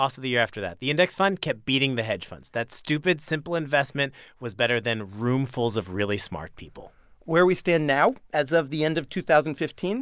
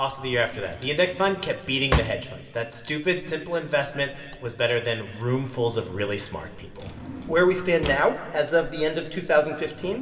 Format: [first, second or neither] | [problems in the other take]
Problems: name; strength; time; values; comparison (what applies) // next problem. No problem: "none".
first | background sound (Drawer open or close); 11 dB below the speech // room echo; dies away in 2.6 s